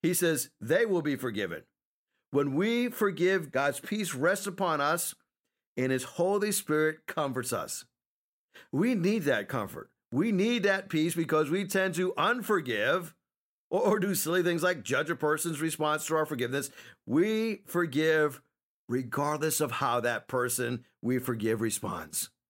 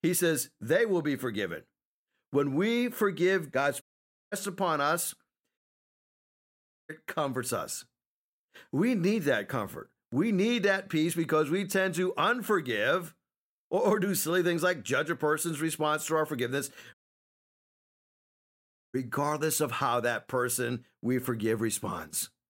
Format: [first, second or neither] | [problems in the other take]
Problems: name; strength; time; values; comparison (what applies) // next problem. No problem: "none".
first | audio cutting out; at 4 s, at 5.5 s for 1.5 s and at 17 s for 2 s